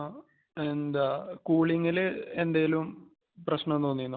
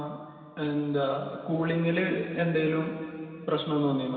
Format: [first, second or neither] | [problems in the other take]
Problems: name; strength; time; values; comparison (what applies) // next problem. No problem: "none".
first | room echo; dies away in 2.7 s